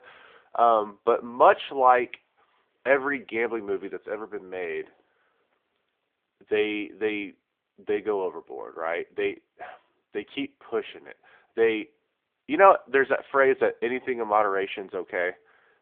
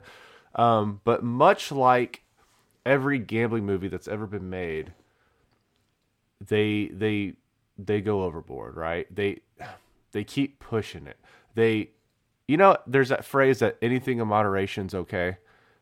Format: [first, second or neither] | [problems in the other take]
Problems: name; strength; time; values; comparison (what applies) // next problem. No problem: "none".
second | phone-call audio; nothing above 3.5 kHz